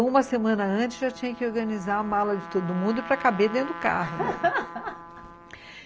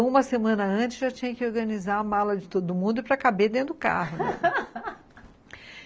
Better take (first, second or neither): second